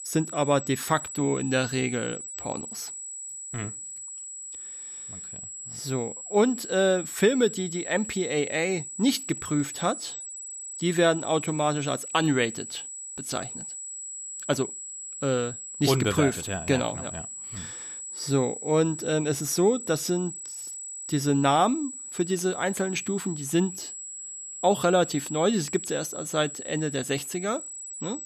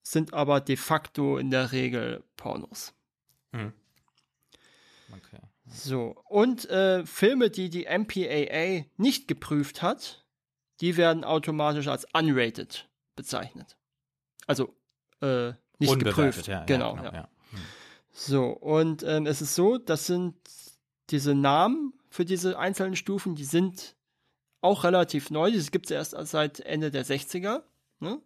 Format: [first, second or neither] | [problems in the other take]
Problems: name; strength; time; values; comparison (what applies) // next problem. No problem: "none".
second | high-pitched whine; loud; throughout; 8 kHz, 9 dB below the speech